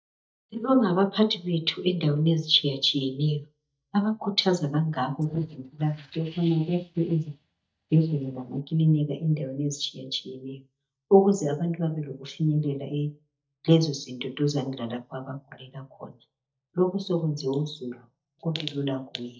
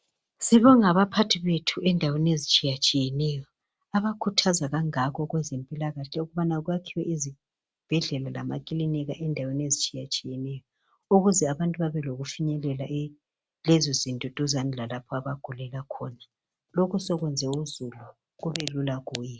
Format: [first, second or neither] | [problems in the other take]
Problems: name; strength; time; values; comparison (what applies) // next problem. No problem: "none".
second | noise reduction (neural mask model DeepFilterNet 3)